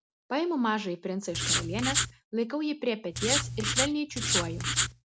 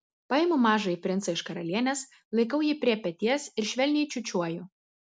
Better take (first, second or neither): second